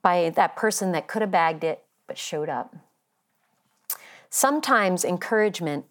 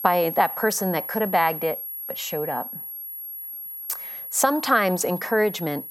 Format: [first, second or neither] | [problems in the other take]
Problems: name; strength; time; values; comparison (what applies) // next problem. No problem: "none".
first | high-pitched whine; loud; throughout; 11.5 kHz, 8 dB below the speech